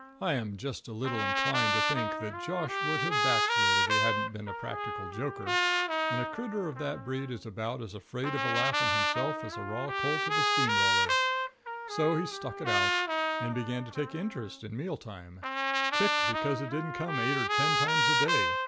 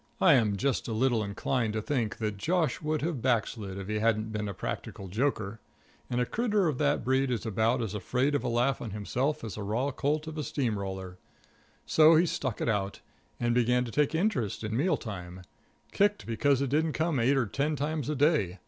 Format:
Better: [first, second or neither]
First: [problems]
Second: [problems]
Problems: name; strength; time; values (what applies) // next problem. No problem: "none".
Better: second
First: background sound (Trumpet); 5 dB above the speech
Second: none